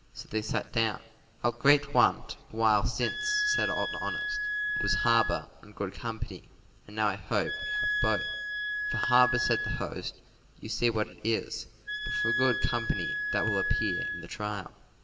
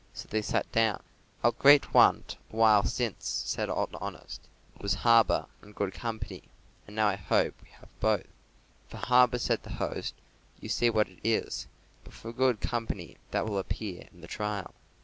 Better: second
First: background sound (Wind instrument, woodwind instrument); 2 dB below the speech // room echo; dies away in 1.1 s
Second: none

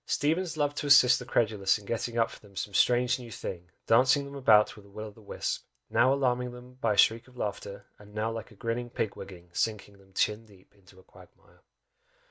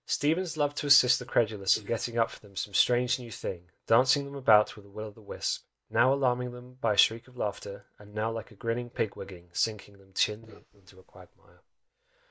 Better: first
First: none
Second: noise reduction (neural mask model Resemble Enhance denoiser)

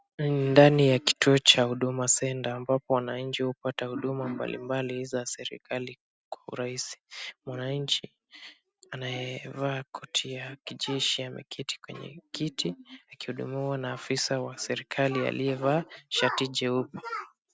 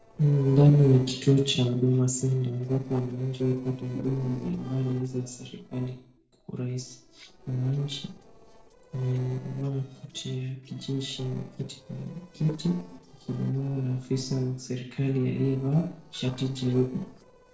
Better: first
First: none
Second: noise reduction (neural separator model SepFormer DNS4)

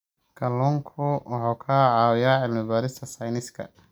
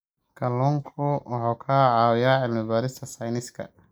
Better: first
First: none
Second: noise reduction (neural mask model Resemble Enhance denoiser)

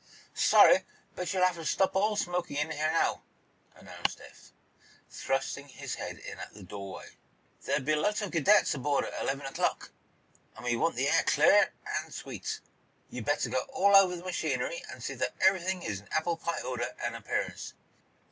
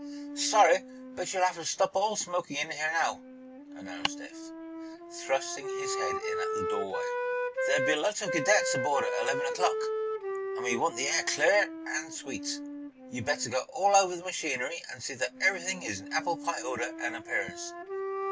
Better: first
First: none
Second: background sound (Wind instrument, woodwind instrument); 5 dB below the speech

